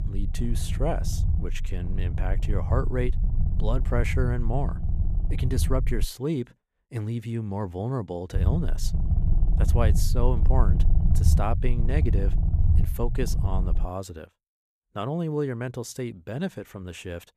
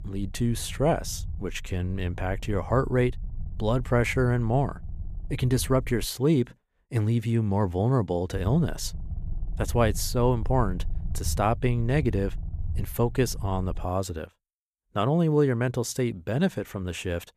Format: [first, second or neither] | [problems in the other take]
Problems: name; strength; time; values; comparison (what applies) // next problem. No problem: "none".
second | low rumble; loud; until 6 s and from 8.5 to 14 s; 9 dB below the speech; faint in the second